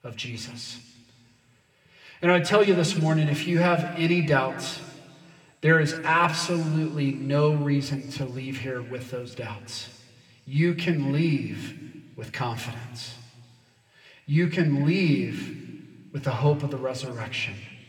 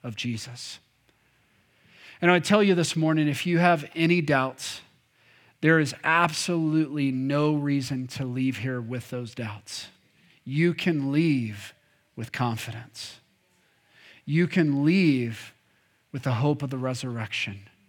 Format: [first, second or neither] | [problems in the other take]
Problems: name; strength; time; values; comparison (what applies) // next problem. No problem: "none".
second | room echo; slight; dies away in 1.7 s